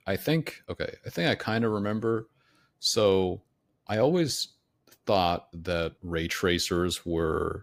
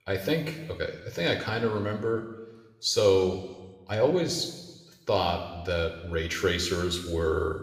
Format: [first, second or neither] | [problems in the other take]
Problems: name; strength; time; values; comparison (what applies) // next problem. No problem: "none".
first | room echo; noticeable; dies away in 1.1 s // off-mic speech; somewhat distant